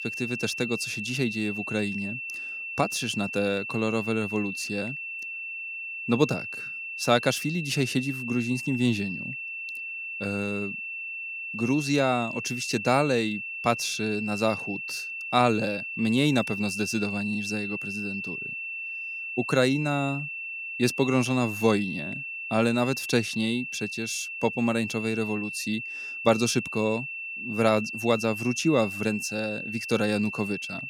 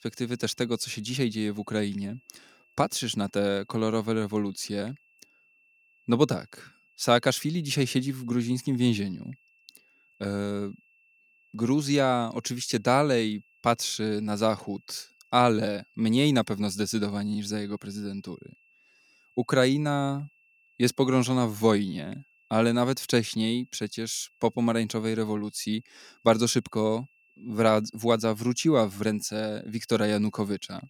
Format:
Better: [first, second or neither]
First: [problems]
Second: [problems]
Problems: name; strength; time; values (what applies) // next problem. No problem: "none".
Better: second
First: high-pitched whine; loud; throughout; 2.5 kHz, 5 dB below the speech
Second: high-pitched whine; faint; throughout; 2.5 kHz, 35 dB below the speech